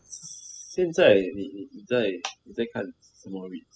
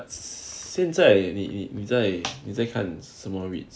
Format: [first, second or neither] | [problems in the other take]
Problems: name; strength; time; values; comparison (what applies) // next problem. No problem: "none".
second | noise reduction (classical method spectral subtraction)